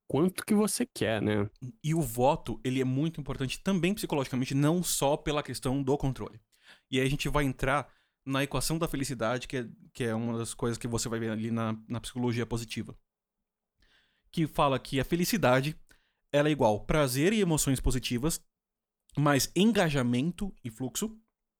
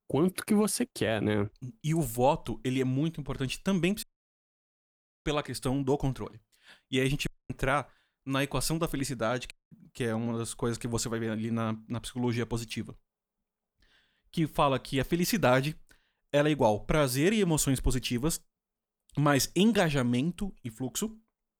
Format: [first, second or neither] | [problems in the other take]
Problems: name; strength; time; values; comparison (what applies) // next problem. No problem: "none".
first | audio cutting out; at 4 s for 1 s, at 7.5 s and at 9.5 s